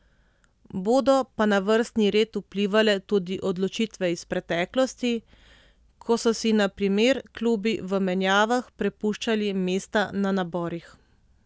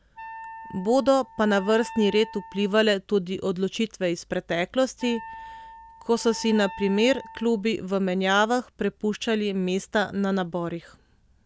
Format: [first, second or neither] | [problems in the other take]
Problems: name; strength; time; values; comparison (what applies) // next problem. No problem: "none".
first | background sound (Wind instrument, woodwind instrument); 16 dB below the speech